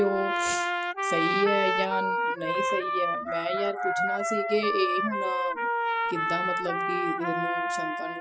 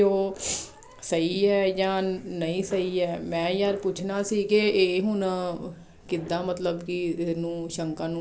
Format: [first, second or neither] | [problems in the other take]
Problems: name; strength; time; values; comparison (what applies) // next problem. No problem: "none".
second | noise reduction (classical method spectral subtraction)